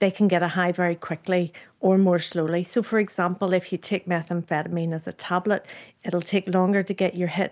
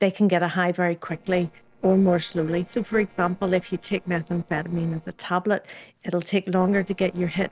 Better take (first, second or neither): first